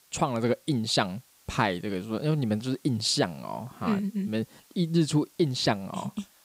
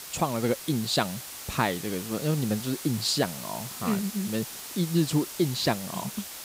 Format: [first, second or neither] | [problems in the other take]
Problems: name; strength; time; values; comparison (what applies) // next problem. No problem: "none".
first | hiss; loud; throughout; 8 dB below the speech; faint in the first